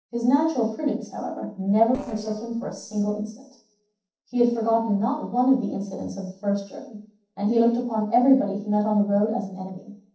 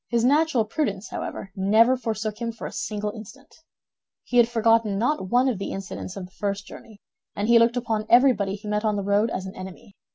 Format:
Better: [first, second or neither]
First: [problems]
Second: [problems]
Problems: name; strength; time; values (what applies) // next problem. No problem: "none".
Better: second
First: noise reduction (neural separator model SepFormer DNS4)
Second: none